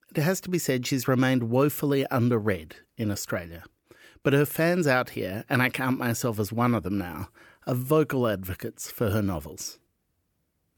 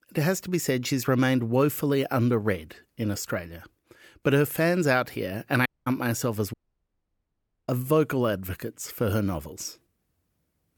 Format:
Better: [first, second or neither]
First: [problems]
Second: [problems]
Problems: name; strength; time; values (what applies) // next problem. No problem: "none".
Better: first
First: none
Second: audio cutting out; at 5.5 s and at 6.5 s for 1 s